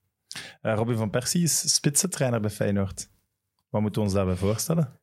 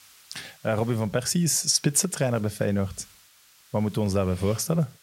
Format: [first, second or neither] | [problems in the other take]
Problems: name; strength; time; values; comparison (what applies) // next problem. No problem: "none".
first | hiss; faint; throughout; 25 dB below the speech